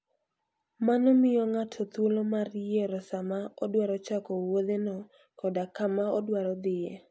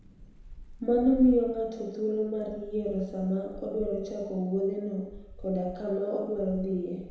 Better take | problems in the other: first | background sound (Thunder / Rain); 17 dB below the speech // room echo; dies away in 1 s

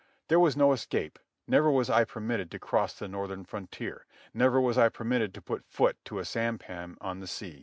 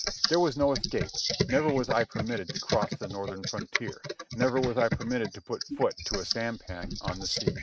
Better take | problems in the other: first | noise reduction (neural mask model RNNoise)

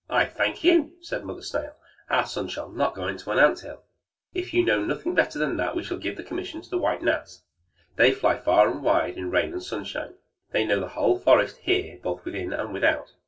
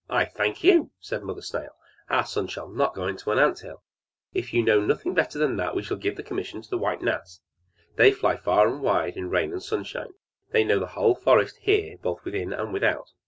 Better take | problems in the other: second | room echo; dies away in 0.2 s

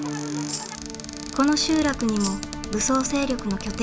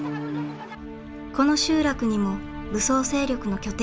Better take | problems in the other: second | background sound (Cupboard open or close + Tambourine); 12 dB below the speech

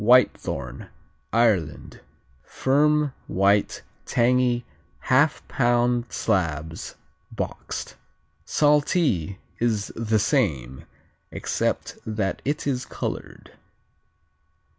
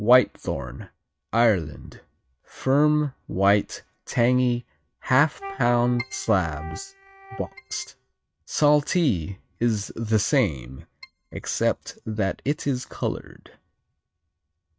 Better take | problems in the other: first | noise reduction (neural mask model RNNoise)

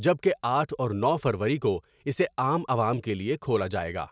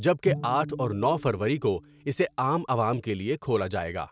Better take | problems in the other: first | background sound (Bowed string instrument); 12 dB below the speech

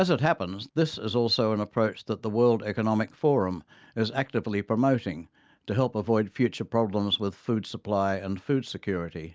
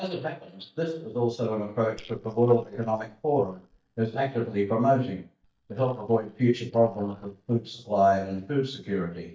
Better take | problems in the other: first | noise reduction (neural mask model DeepFilterNet 3)

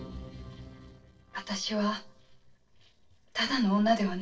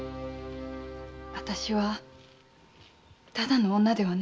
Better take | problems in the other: second | noise reduction (neural separator model SepFormer DNS4)

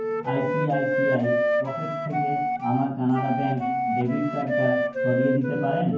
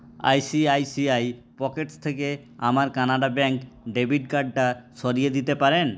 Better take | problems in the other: second | background sound (Wind instrument, woodwind instrument); as loud as the speech // room echo; dies away in 0.9 s

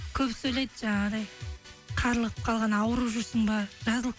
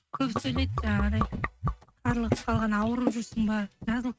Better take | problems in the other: first | noise reduction (neural mask model RNNoise)

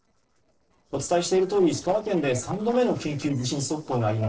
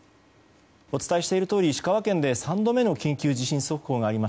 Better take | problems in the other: second | noise reduction (neural separator model SepFormer DNS4)

